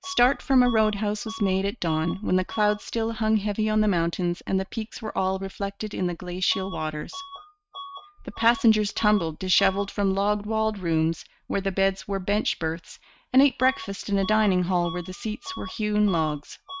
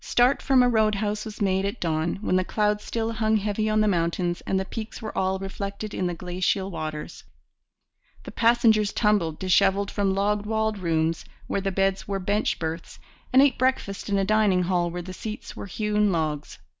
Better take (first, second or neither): second